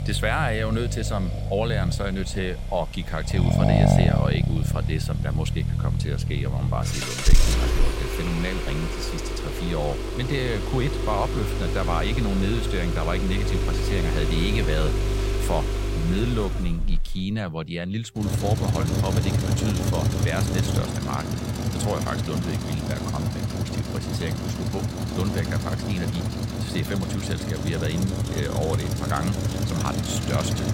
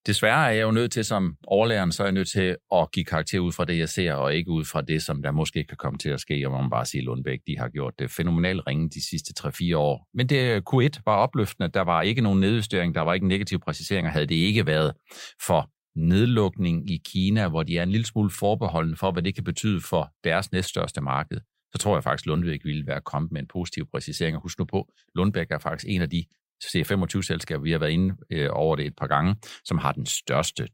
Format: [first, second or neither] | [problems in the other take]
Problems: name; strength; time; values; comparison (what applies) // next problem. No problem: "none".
second | traffic noise; very loud; throughout; 3 dB above the speech